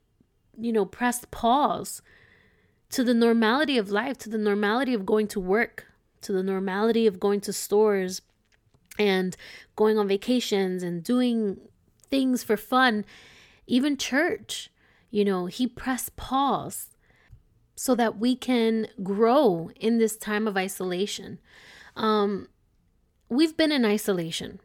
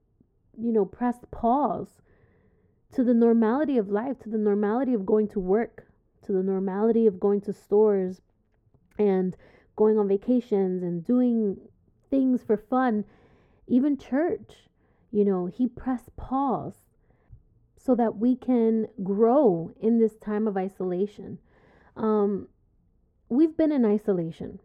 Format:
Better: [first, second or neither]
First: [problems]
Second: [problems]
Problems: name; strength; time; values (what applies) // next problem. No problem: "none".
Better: first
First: none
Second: muffled; very; fading above 1.5 kHz